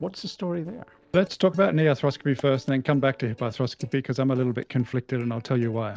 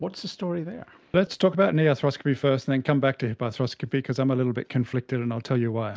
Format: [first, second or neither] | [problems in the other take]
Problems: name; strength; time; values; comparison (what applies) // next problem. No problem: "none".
second | noise reduction (neural separator model SepFormer DNS4)